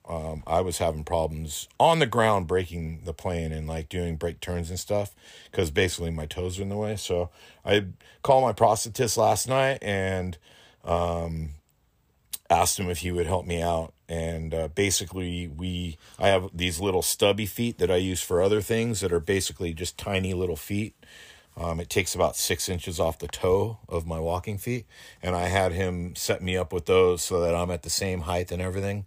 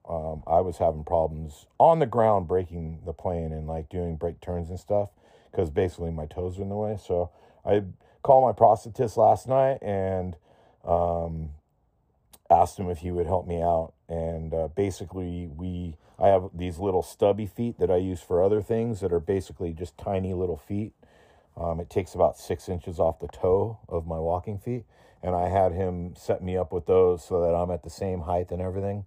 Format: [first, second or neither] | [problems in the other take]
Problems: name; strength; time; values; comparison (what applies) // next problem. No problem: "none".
first | muffled; very; fading above 1.5 kHz